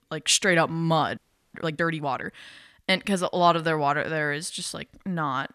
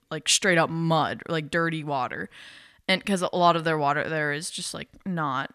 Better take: second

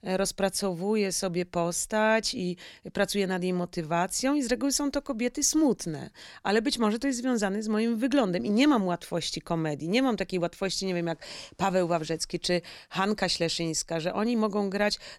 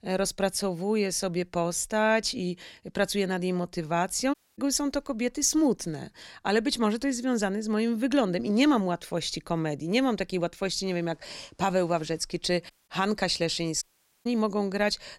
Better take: first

